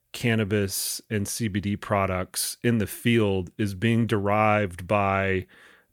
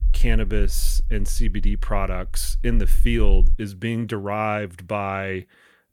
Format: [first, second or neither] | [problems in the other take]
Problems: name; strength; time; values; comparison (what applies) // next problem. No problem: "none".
first | low rumble; faint; until 3.5 s; 25 dB below the speech